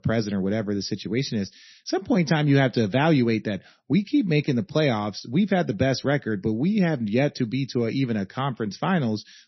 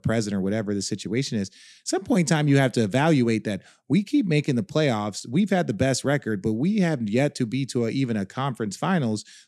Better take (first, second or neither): second